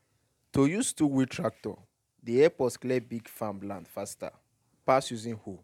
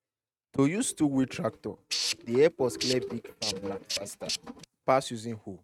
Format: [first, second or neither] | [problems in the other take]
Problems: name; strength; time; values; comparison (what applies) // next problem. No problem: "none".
first | noise reduction (neural mask model RNNoise)